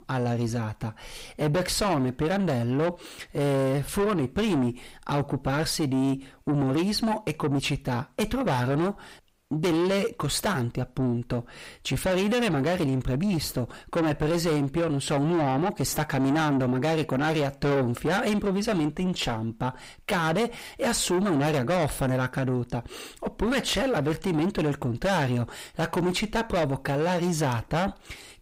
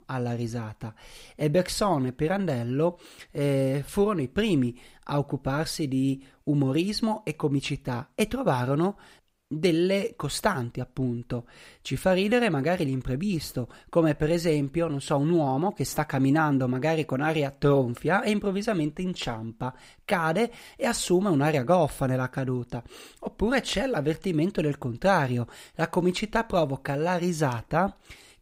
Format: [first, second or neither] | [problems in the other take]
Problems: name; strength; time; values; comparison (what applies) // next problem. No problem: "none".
second | distortion; heavy; 7 dB below the speech